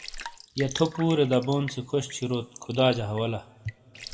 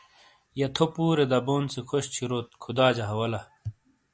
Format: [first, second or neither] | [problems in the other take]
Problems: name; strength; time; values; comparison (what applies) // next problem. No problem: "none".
second | background sound (Raindrop / Drip); 16 dB below the speech // room echo; dies away in 1.3 s